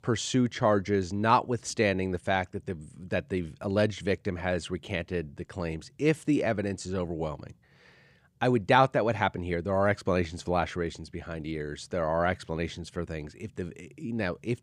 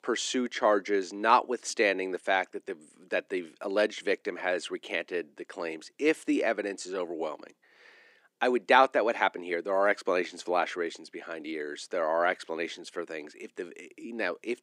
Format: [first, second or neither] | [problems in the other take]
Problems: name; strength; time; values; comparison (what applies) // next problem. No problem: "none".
first | thin; somewhat; fading below 300 Hz